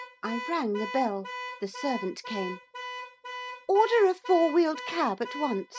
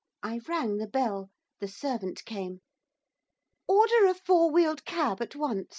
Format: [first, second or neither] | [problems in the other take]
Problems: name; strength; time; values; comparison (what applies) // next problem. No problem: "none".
second | background sound (Alarm / Car); 11 dB below the speech